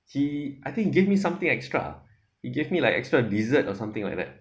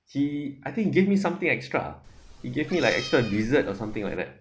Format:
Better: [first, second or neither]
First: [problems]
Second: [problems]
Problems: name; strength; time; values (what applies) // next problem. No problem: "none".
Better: first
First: none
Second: background sound (Meow); 14 dB below the speech